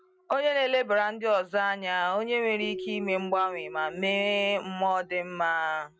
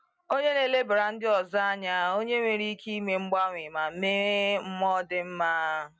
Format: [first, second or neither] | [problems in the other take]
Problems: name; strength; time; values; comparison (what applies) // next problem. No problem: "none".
second | background sound (Keyboard (musical)); 15 dB below the speech